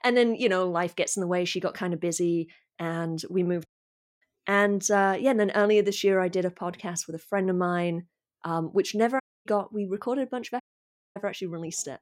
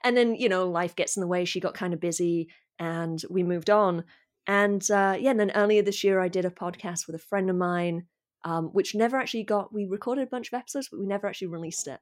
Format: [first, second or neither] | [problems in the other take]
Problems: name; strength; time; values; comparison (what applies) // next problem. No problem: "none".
second | audio cutting out; at 3.5 s for 0.5 s, at 9 s and at 11 s for 0.5 s